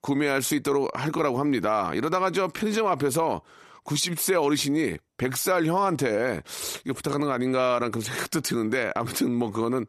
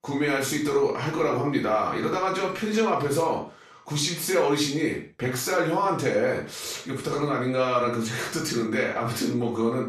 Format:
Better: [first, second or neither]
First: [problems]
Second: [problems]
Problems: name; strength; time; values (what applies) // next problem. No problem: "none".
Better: first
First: none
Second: room echo; noticeable; dies away in 0.3 s // off-mic speech; far